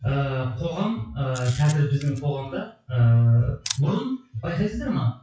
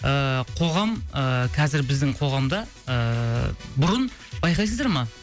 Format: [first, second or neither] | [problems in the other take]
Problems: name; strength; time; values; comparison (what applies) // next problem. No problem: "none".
second | noise reduction (classical method WPE with log-MMSE)